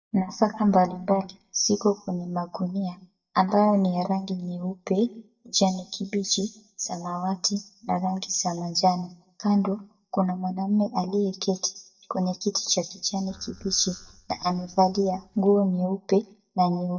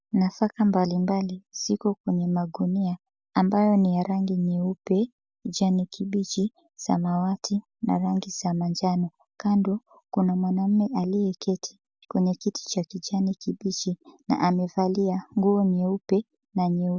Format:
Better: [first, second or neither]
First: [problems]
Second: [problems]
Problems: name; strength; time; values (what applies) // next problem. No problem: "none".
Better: second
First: noise reduction (neural mask model DeepFilterNet 3)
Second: none